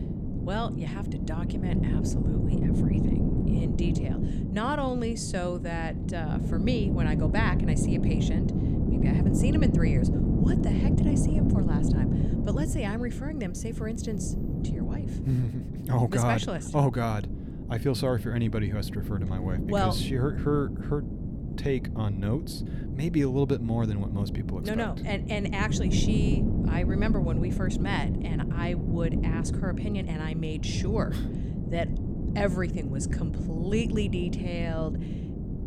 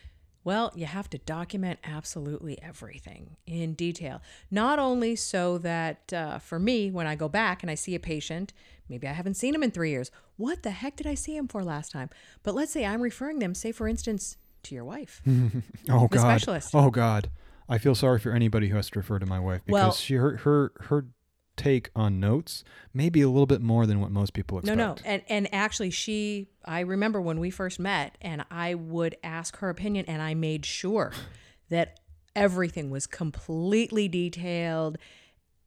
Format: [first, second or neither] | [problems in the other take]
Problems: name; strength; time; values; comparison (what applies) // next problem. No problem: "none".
second | wind noise on the microphone; heavy; 3 dB below the speech